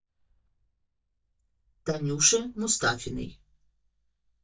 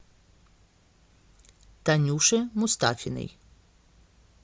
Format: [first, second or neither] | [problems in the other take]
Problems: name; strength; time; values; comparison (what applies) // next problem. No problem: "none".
second | noise reduction (neural mask model DeepFilterNet 3)